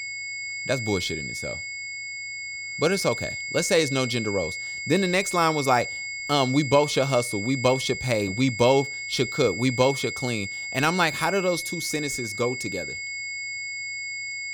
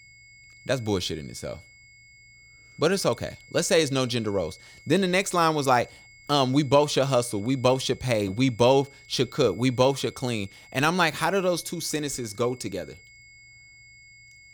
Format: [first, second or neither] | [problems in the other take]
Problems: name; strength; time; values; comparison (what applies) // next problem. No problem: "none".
second | high-pitched whine; loud; throughout; 2 kHz, 6 dB below the speech; faint in the second